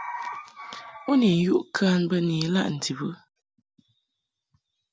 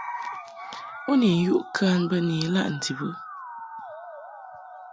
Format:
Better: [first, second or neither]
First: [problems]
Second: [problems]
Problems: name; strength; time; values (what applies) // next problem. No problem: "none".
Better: first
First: none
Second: background sound (Musical instrument); 14 dB below the speech